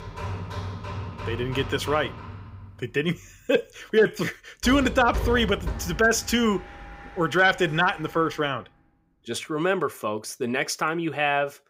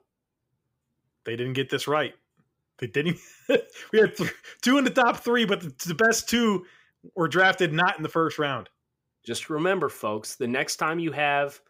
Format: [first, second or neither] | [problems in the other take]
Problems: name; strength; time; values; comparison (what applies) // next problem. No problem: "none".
second | machinery noise; noticeable; until 8.5 s; 10 dB below the speech